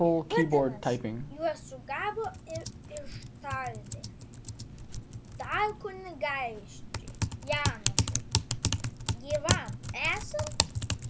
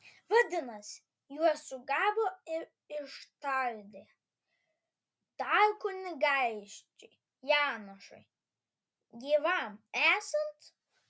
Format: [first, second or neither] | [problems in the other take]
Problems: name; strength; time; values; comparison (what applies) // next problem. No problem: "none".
second | background sound (Typing); 4 dB above the speech